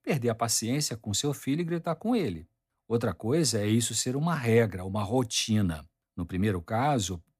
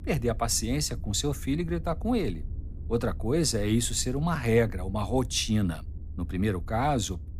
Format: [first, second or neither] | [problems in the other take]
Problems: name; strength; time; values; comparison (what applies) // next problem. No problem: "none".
first | low rumble; faint; throughout; 25 dB below the speech